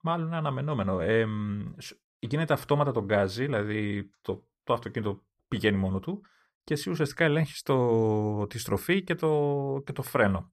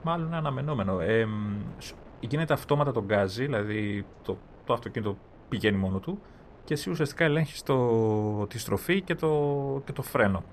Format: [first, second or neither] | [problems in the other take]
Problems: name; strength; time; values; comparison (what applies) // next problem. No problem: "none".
first | wind noise on the microphone; occasional gusts; 25 dB below the speech